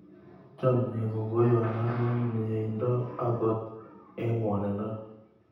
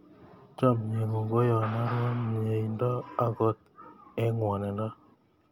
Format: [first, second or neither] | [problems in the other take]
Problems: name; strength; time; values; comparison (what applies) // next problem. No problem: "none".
second | room echo; dies away in 0.8 s